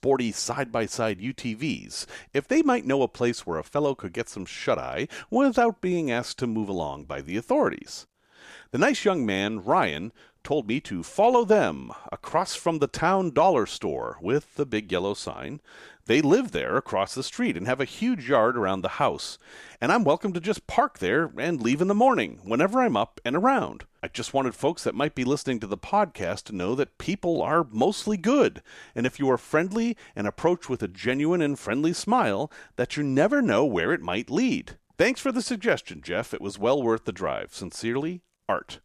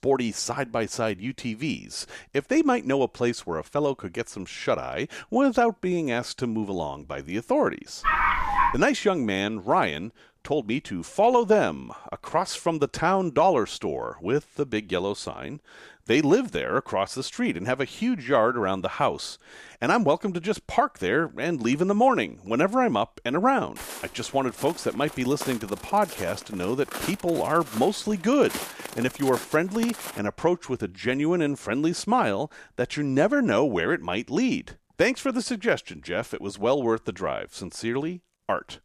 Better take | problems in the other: first | dog barking; loud; at 8 s; peak 4 dB above the speech // footsteps; noticeable; from 24 to 30 s; peak 7 dB below the speech

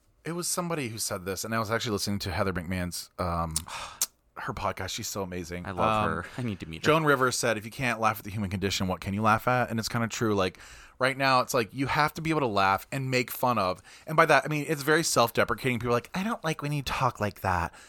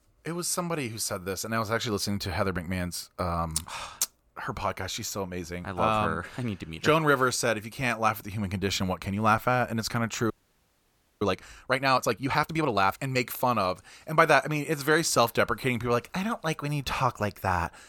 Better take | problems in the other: first | audio freezing; at 10 s for 1 s

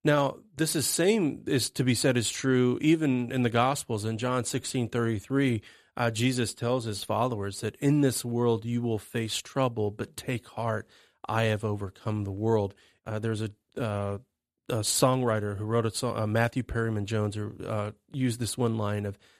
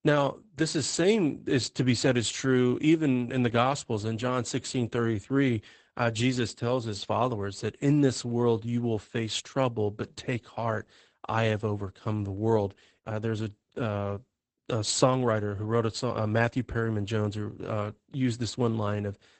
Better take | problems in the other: first | garbled, watery; badly; nothing above 8 kHz

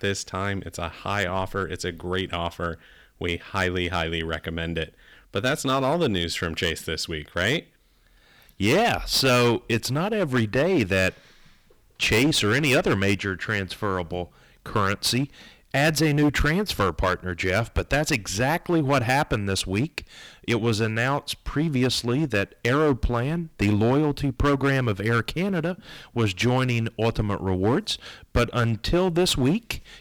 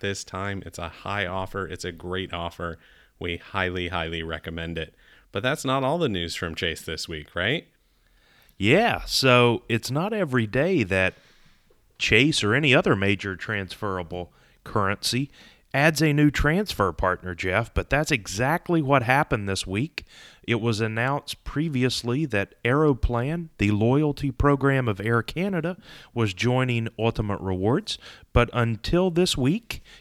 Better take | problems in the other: second | distortion; heavy; 8% of the sound clipped

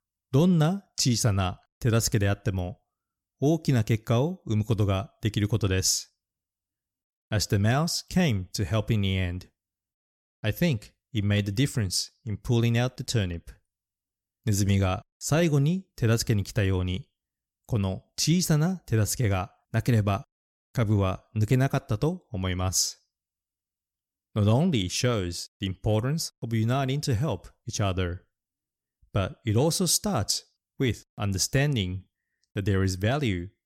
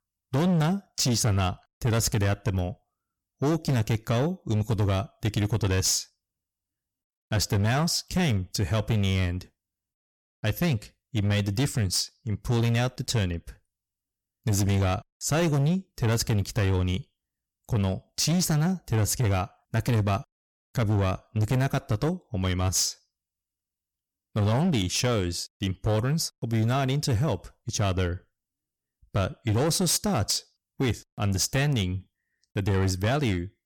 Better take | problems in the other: first | distortion; slight; 13% of the sound clipped

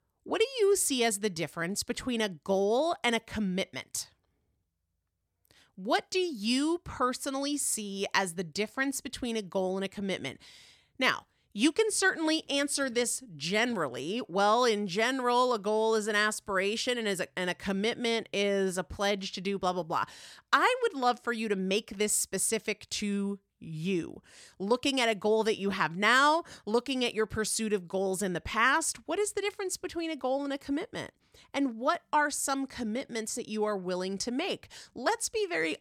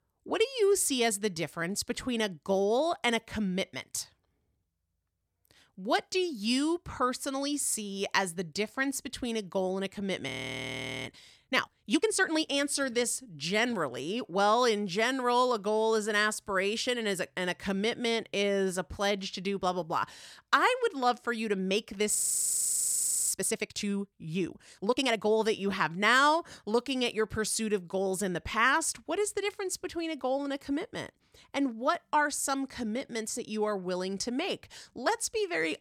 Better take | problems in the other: first | audio freezing; at 10 s for 1 s and at 22 s for 1 s

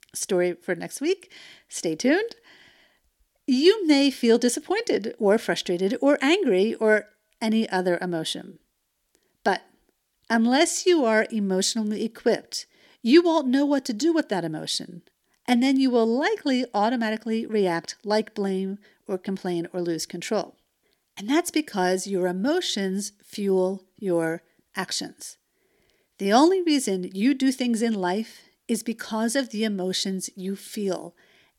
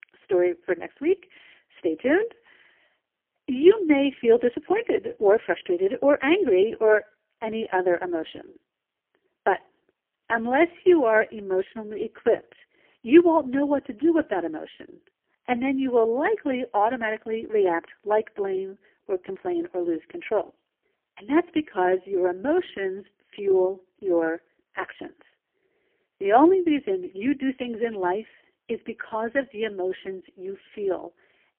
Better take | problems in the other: first | phone-call audio; poor line; nothing above 3 kHz

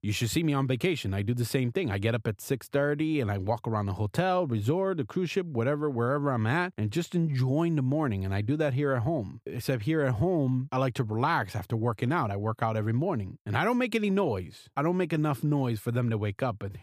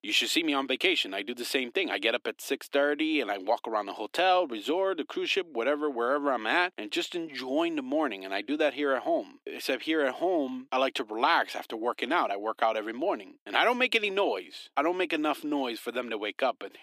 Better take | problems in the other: first | thin; somewhat; fading below 300 Hz

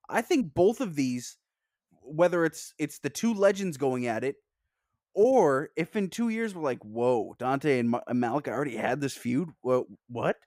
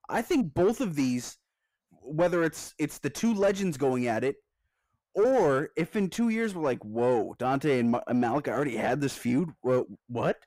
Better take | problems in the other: first | distortion; slight; 10 dB below the speech

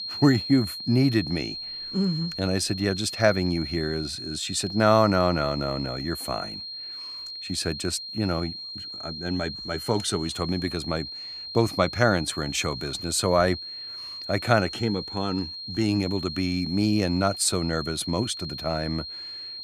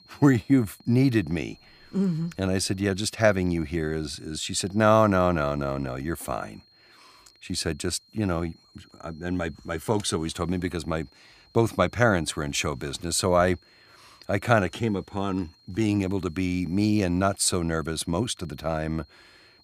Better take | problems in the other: second | high-pitched whine; loud; throughout; 4 kHz, 8 dB below the speech; faint in the second

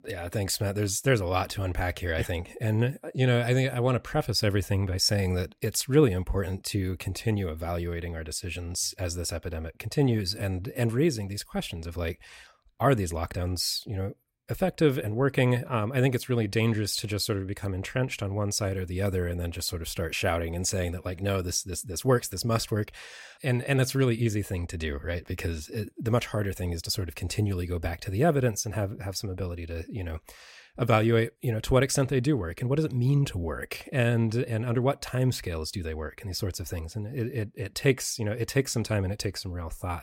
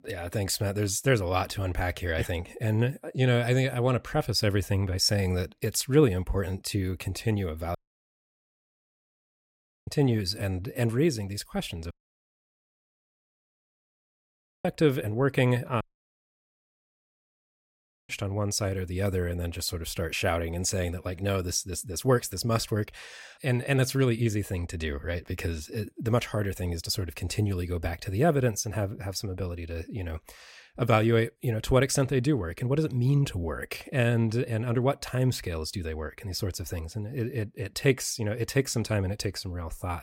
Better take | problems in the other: first | audio cutting out; at 8 s for 2 s, at 12 s for 2.5 s and at 16 s for 2.5 s

